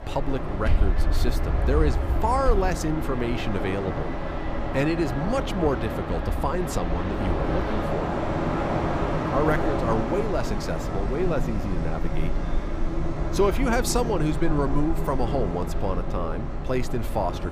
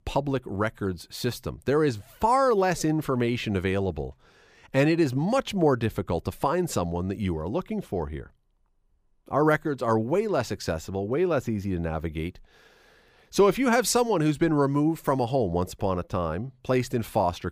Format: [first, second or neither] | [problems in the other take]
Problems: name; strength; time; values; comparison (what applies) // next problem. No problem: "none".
second | train or aircraft noise; loud; throughout; 1 dB below the speech